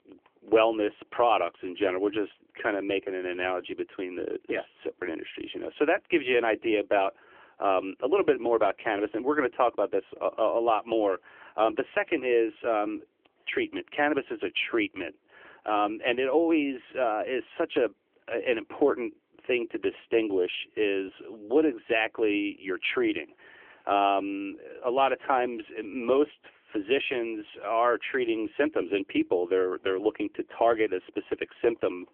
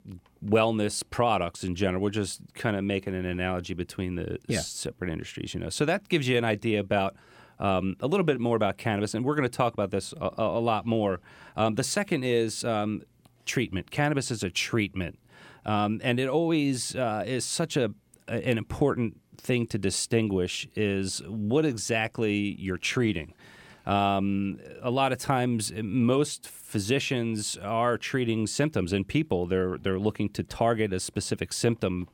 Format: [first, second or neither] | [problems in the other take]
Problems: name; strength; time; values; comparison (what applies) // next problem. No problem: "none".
second | phone-call audio; nothing above 3 kHz